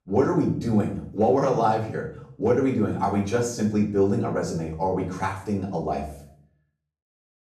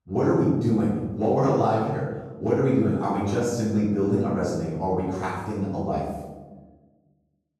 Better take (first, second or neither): first